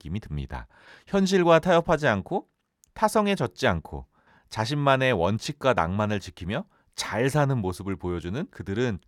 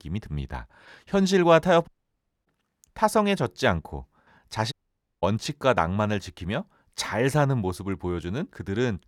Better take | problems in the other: first | audio cutting out; at 2 s for 0.5 s and at 4.5 s for 0.5 s

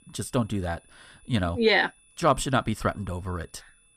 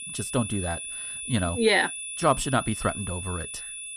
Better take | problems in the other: first | high-pitched whine; loud; throughout; 10 kHz, 7 dB below the speech; faint in the first

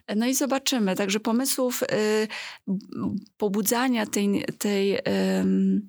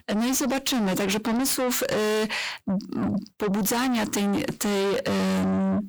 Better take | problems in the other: first | distortion; heavy; 7 dB below the speech

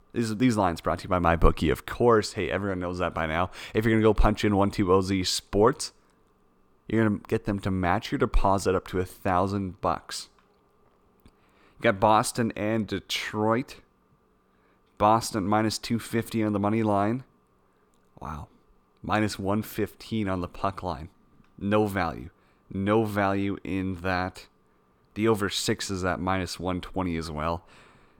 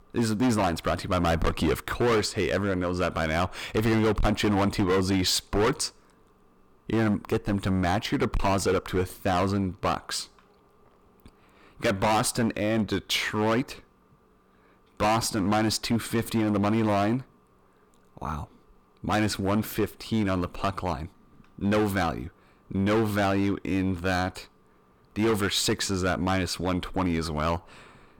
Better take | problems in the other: first | distortion; heavy; 11% of the sound clipped

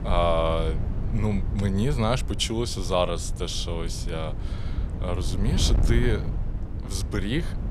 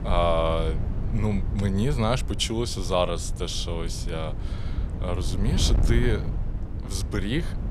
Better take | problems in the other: neither | wind noise on the microphone; occasional gusts; 15 dB below the speech; the same in both

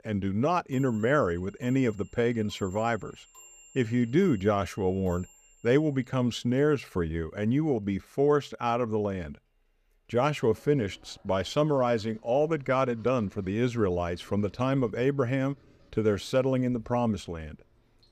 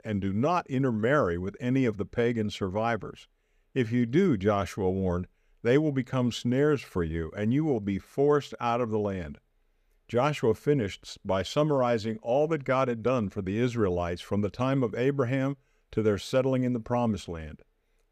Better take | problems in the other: second | household noises; faint; throughout; 30 dB below the speech

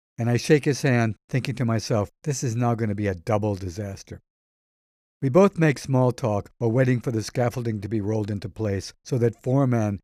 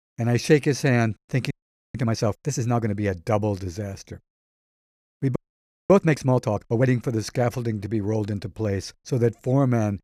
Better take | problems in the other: first | audio freezing; at 1.5 s and at 5.5 s for 0.5 s

